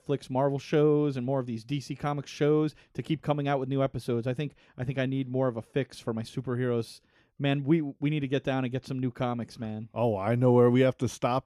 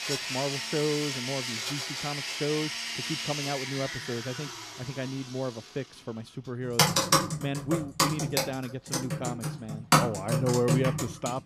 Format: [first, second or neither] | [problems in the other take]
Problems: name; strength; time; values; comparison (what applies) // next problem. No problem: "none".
first | household noises; very loud; throughout; 4 dB above the speech